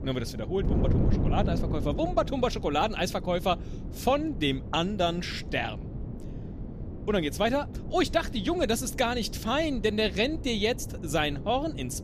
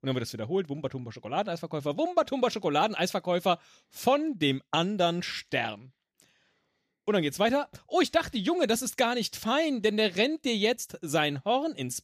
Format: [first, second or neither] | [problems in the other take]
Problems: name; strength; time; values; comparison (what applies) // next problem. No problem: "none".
second | wind noise on the microphone; occasional gusts; 15 dB below the speech